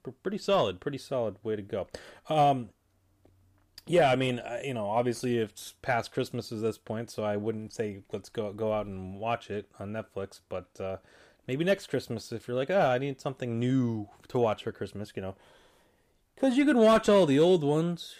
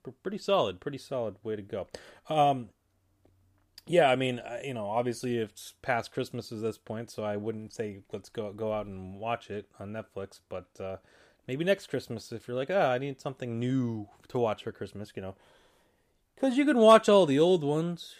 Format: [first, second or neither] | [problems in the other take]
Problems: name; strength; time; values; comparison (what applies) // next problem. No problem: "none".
second | distortion; slight; 10 dB below the speech